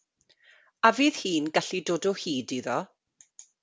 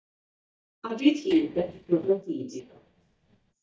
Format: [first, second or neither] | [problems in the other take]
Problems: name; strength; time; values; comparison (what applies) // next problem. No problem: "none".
first | noise reduction (neural mask model DeepFilterNet 3)